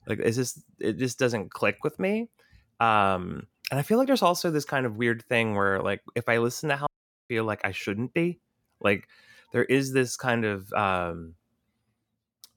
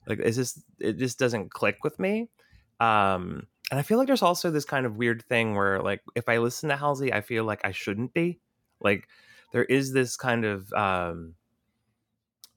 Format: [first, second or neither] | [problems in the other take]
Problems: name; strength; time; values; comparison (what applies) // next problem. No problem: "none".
second | audio cutting out; at 7 s